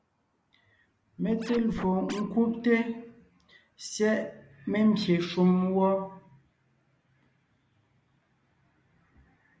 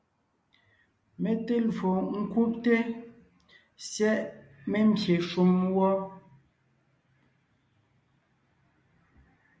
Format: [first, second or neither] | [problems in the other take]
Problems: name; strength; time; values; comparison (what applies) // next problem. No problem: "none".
second | background sound (Scratching (performance technique)); 13 dB below the speech